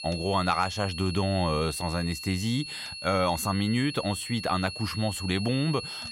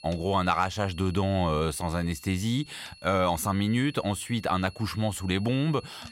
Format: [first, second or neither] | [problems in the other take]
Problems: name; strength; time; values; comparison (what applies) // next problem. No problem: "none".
second | high-pitched whine; loud; throughout; 4.5 kHz, 8 dB below the speech; faint in the second